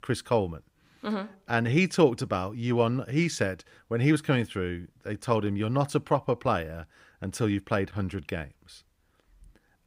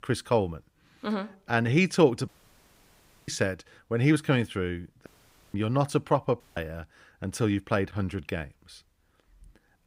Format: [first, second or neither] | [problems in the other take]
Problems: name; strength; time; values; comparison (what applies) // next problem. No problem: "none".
first | audio cutting out; at 2.5 s for 1 s, at 5 s and at 6.5 s